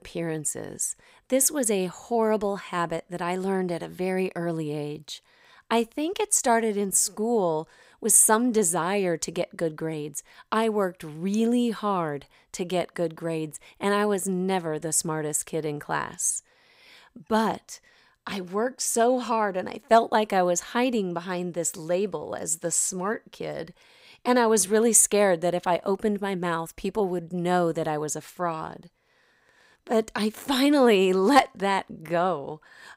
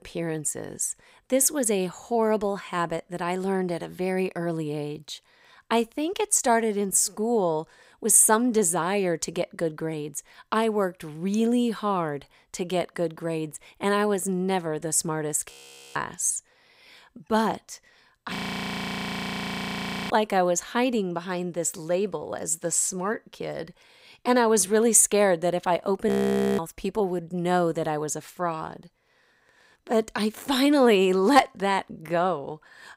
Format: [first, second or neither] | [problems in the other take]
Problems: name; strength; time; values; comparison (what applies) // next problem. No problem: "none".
first | audio freezing; at 16 s, at 18 s for 2 s and at 26 s